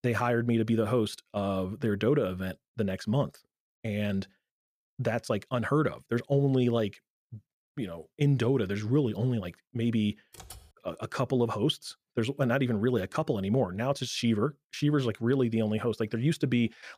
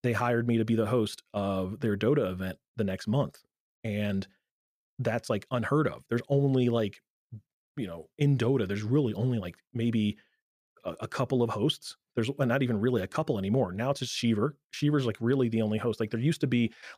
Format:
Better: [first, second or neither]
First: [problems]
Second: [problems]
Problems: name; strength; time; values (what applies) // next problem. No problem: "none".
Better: second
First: keyboard typing; faint; at 10 s; peak 20 dB below the speech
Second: none